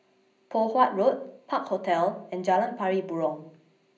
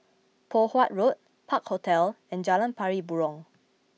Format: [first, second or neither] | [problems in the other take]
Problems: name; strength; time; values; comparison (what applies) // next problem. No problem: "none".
second | room echo; dies away in 0.5 s